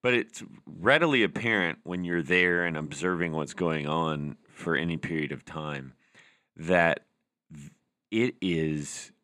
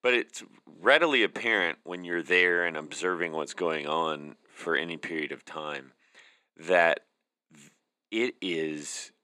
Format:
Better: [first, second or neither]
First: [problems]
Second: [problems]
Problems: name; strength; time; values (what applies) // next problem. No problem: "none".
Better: first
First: none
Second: thin; somewhat; fading below 400 Hz